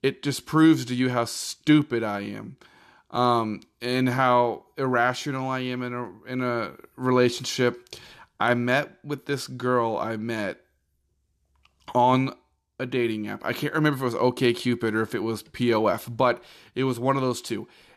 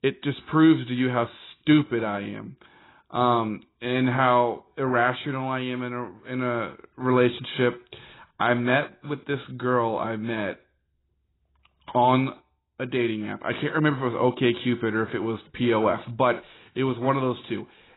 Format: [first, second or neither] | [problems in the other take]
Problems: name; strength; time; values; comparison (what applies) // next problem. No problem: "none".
first | garbled, watery; badly; nothing above 4 kHz